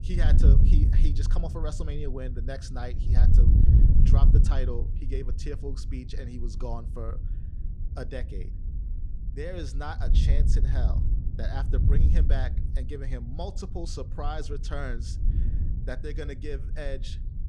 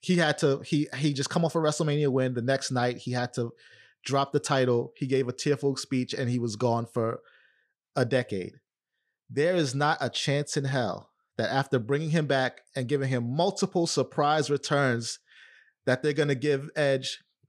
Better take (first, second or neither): second